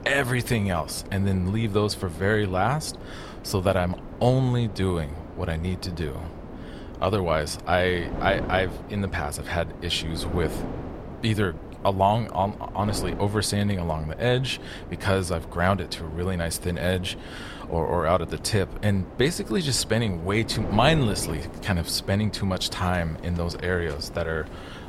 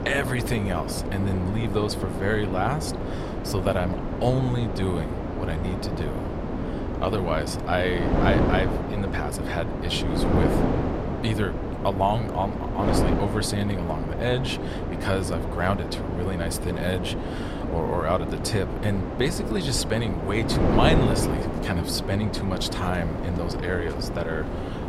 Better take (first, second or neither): first